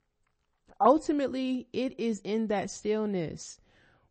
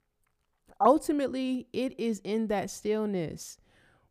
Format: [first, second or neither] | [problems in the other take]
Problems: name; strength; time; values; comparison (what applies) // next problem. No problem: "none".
second | garbled, watery; slightly; nothing above 8 kHz